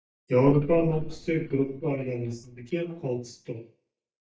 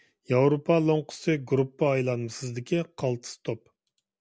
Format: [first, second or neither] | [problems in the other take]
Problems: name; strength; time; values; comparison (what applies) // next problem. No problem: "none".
second | noise reduction (neural mask model DeepFilterNet 3)